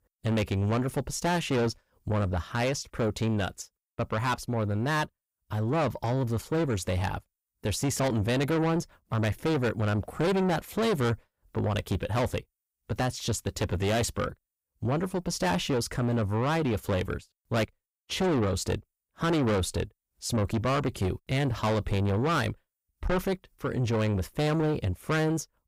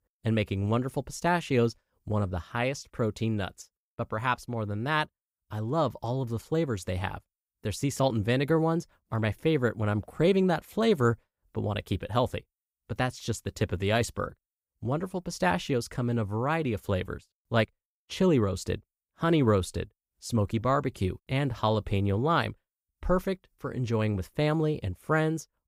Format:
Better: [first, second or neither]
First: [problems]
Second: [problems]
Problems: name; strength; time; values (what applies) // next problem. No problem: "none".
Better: second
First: distortion; heavy; 7 dB below the speech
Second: none